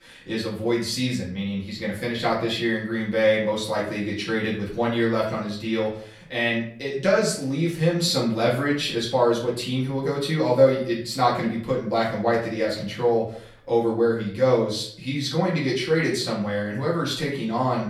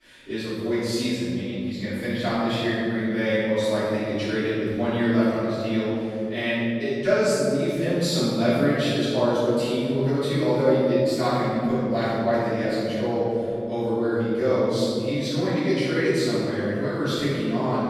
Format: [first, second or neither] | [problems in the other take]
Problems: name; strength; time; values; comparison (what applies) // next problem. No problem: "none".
first | room echo; strong; dies away in 2.9 s; slight in the first // off-mic speech; far; far in the first